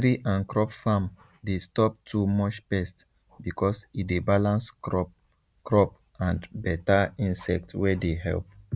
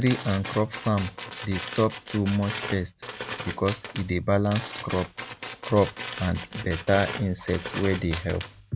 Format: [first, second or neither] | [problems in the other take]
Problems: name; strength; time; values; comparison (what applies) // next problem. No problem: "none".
first | background sound (Tools); 10 dB below the speech